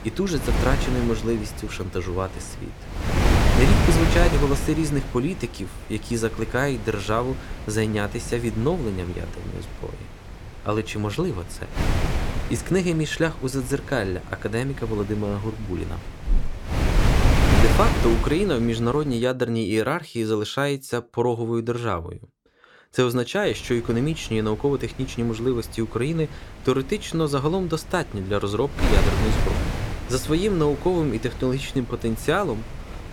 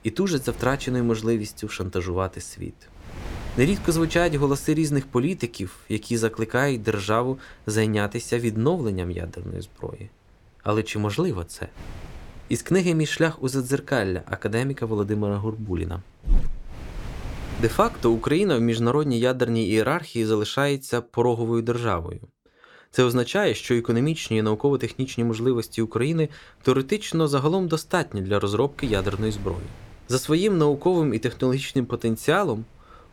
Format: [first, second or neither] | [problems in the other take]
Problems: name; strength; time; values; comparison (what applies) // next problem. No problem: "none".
second | wind noise on the microphone; heavy; until 19 s and from 23 s on; 4 dB below the speech; occasional gusts in the second